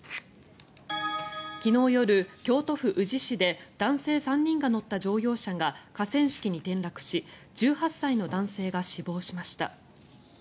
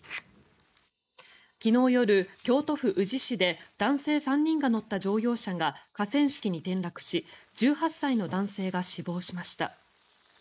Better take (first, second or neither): first